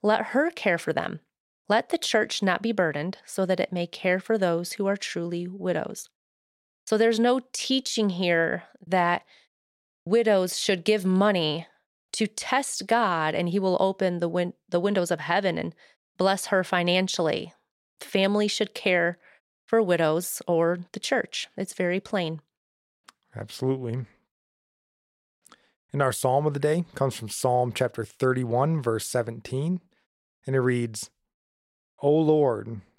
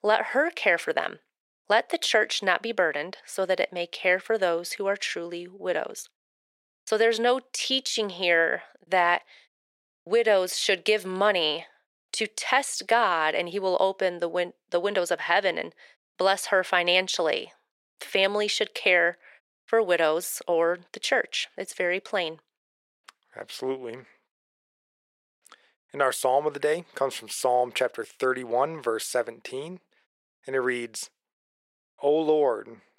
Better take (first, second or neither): first